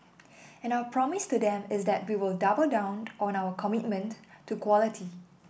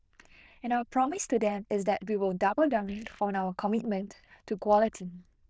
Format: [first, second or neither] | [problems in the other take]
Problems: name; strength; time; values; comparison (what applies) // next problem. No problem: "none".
first | noise reduction (neural diffusion model UNIVERSE++)